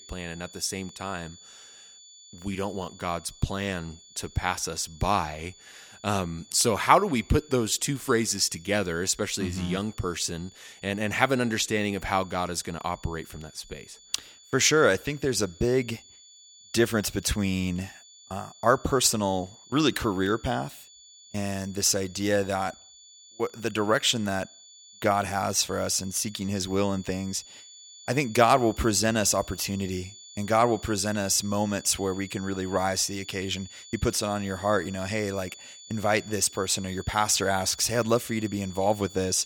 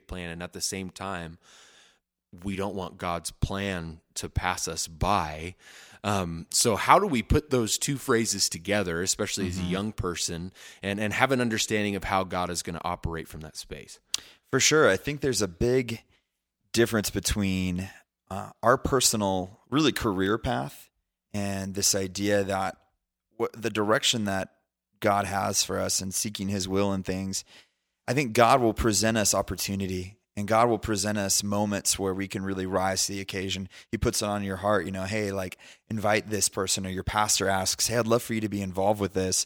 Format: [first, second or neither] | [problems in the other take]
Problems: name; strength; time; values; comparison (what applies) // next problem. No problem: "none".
second | high-pitched whine; faint; throughout; 7 kHz, 20 dB below the speech